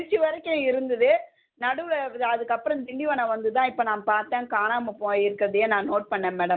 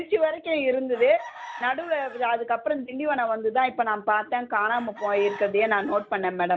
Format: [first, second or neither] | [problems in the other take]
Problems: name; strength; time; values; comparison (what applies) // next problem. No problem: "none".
first | background sound (Chicken, rooster); 18 dB below the speech